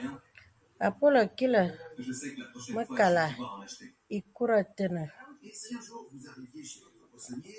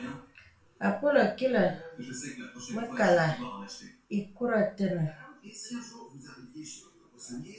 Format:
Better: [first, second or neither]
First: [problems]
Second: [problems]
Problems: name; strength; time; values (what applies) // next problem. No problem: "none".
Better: first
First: none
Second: room echo; dies away in 0.3 s